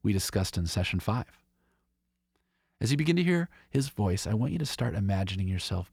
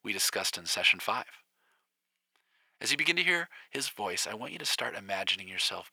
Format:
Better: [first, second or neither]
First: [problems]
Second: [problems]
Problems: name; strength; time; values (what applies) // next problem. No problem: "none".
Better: first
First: none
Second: thin; very; fading below 750 Hz